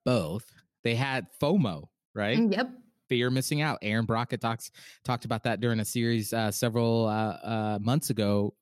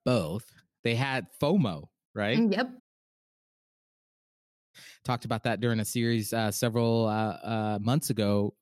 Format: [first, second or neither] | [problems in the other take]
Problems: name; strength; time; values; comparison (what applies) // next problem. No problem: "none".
first | audio cutting out; at 3 s for 2 s